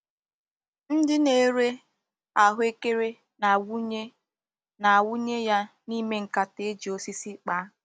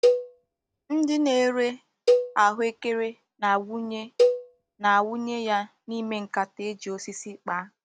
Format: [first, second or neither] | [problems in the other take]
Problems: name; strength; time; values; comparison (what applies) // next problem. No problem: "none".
first | background sound (Cowbell); as loud as the speech